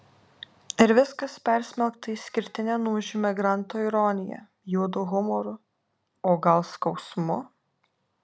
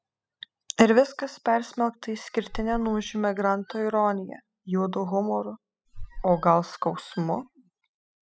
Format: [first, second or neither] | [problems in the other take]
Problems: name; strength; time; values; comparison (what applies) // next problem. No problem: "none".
first | noise reduction (classical method spectral subtraction)